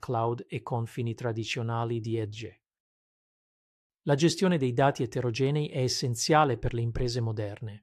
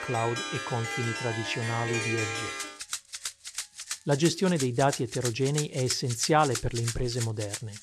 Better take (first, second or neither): first